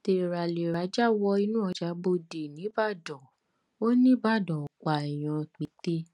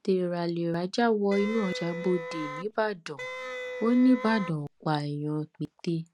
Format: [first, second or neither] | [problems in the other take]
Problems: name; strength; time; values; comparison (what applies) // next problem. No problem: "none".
first | background sound (Wind instrument, woodwind instrument); 10 dB below the speech